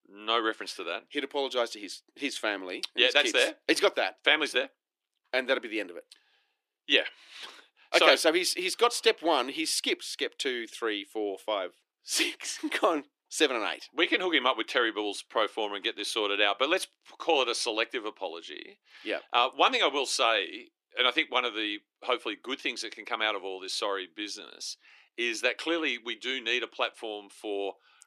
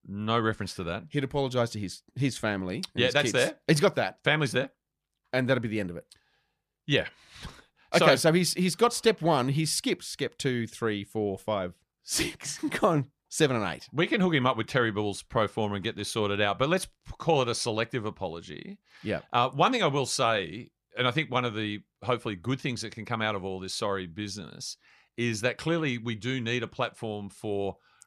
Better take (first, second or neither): second